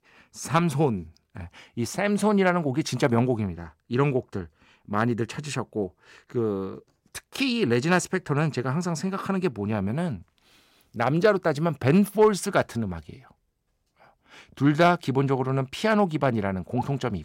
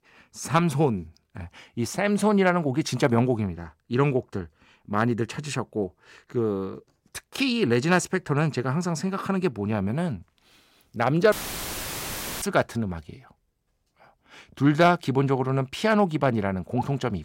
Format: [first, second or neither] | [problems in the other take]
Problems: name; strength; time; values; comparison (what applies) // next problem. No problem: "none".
first | audio cutting out; filled with static; at 11 s for 1 s